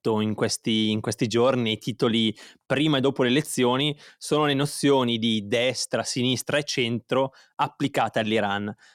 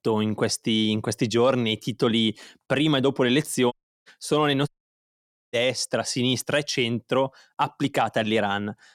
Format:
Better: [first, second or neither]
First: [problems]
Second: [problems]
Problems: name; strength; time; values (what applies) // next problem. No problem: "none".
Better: first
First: none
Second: audio cutting out; at 3.5 s and at 4.5 s for 1 s